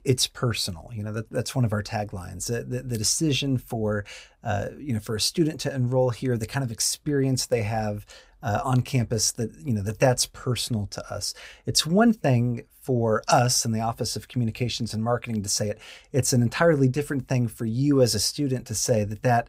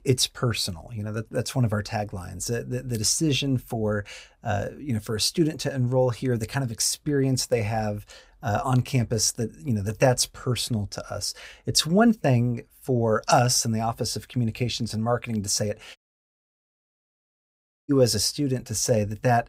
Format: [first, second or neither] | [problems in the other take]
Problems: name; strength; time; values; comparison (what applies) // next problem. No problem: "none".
first | audio cutting out; at 16 s for 2 s